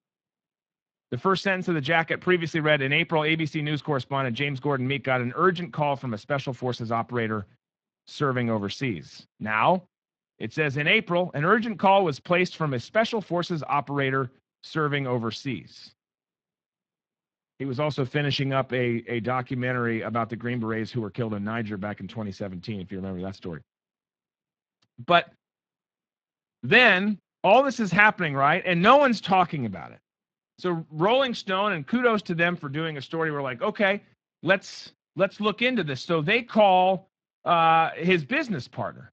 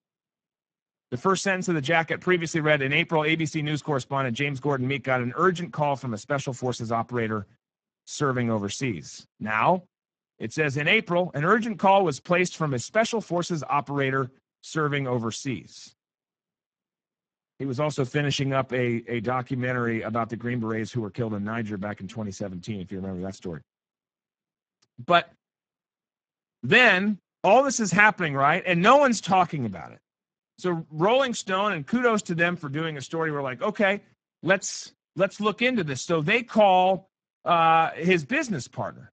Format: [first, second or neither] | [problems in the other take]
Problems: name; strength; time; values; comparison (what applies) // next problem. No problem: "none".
first | garbled, watery; badly; nothing above 7.5 kHz; slightly in the first